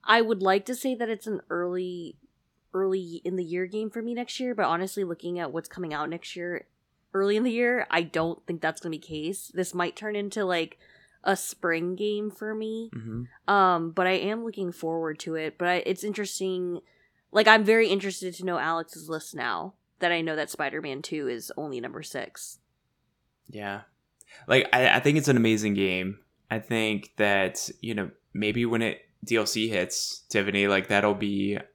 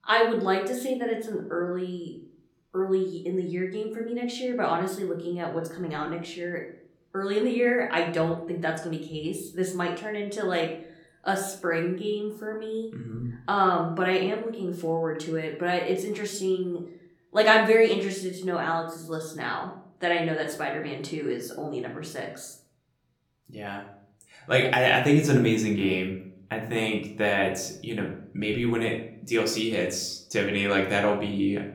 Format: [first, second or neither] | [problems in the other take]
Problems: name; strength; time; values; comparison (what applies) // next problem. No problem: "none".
first | room echo; slight; dies away in 0.5 s // off-mic speech; somewhat distant